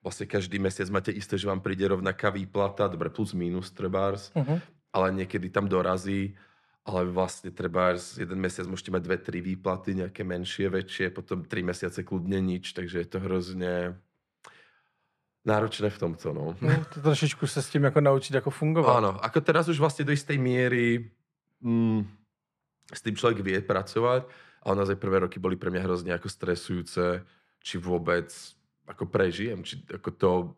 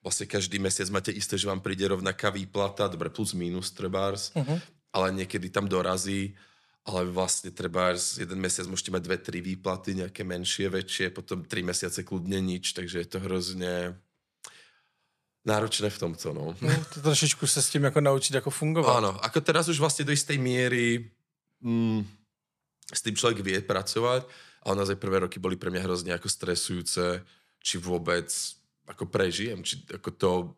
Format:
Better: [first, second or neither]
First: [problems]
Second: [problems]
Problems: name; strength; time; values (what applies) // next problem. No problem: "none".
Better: second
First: muffled; slightly; fading above 3.5 kHz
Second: none